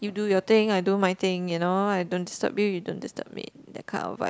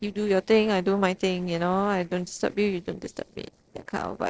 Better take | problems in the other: first | noise reduction (neural separator model SepFormer DNS4)

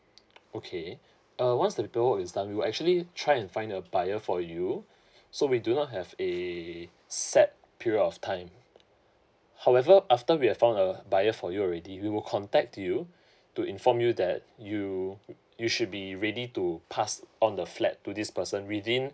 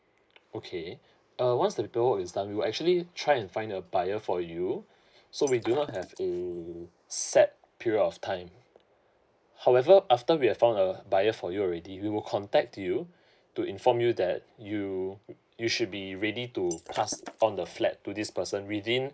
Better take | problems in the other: first | noise reduction (neural mask model Resemble Enhance denoiser)

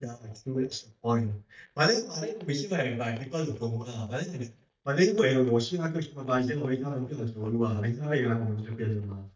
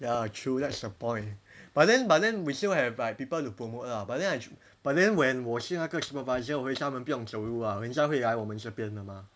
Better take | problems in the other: second | noise reduction (neural mask model DeepFilterNet 3)

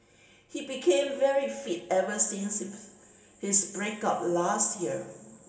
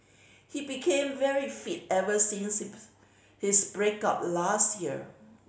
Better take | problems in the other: second | room echo; dies away in 2.6 s

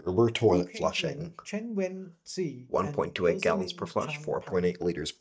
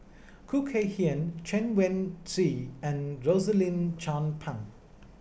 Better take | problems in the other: second | noise reduction (neural mask model DeepFilterNet 3)

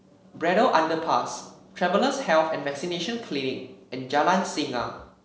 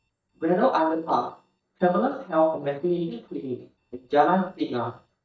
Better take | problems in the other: first | noise reduction (neural mask model DeepFilterNet 3)

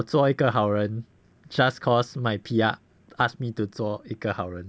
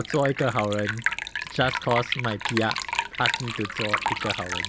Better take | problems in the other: first | background sound (Liquid); 2 dB below the speech

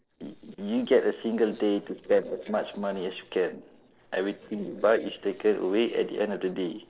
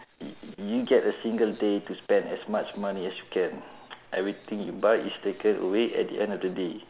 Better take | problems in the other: second | noise reduction (neural separator model SepFormer DNS4)

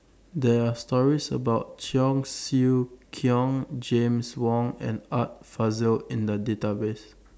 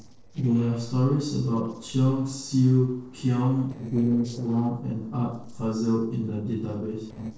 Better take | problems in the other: first | noise reduction (neural separator model SepFormer DNS4)

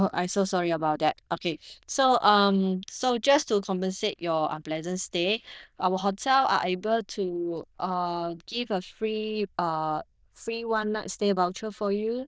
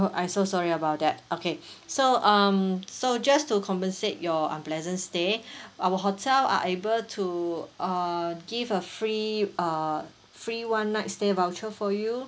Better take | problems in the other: second | noise reduction (neural diffusion model UNIVERSE++)

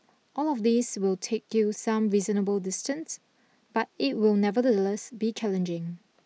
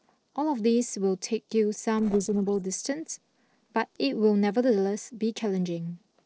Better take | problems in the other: first | noise reduction (neural separator model SepFormer DNS4)

